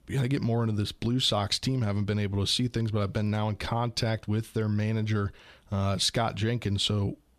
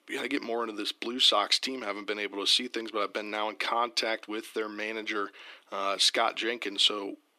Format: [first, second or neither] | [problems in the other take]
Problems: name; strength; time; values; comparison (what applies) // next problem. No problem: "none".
first | thin; very; fading below 300 Hz